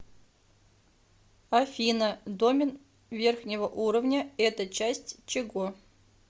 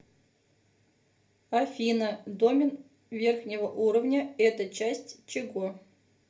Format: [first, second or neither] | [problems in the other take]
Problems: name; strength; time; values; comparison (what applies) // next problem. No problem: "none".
first | room echo; dies away in 0.3 s